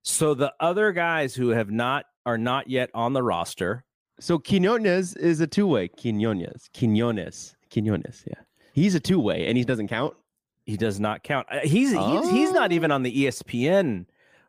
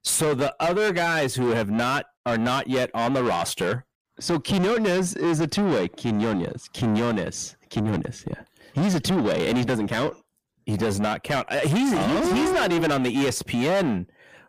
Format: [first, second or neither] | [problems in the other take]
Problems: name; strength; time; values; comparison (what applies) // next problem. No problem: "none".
first | distortion; heavy; 7 dB below the speech